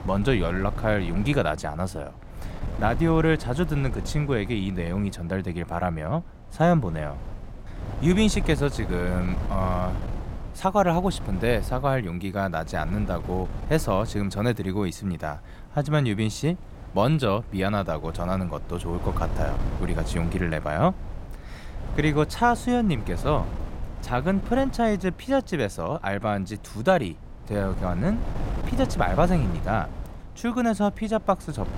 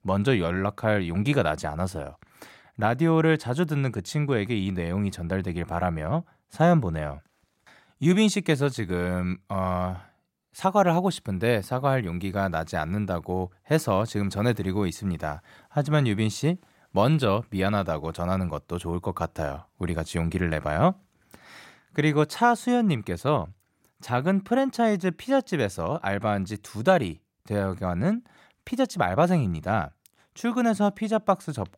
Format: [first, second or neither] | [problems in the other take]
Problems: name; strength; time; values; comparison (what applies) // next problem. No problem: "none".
second | wind noise on the microphone; occasional gusts; 15 dB below the speech